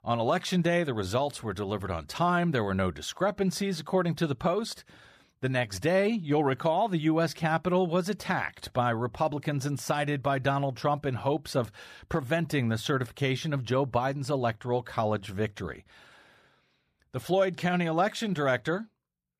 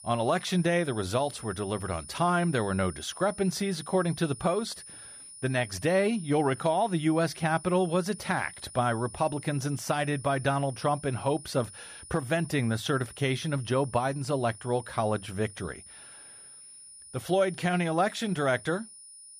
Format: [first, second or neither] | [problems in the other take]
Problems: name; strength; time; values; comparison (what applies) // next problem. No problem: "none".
first | high-pitched whine; noticeable; throughout; 9.5 kHz, 15 dB below the speech